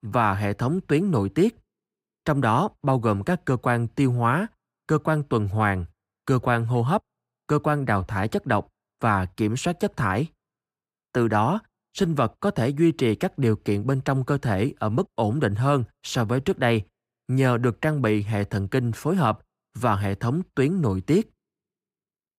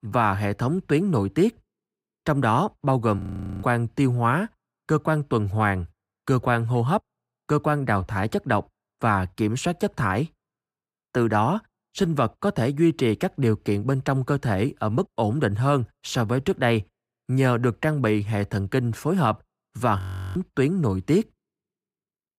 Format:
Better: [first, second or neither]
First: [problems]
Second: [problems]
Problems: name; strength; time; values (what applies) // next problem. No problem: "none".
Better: first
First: none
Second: audio freezing; at 3 s and at 20 s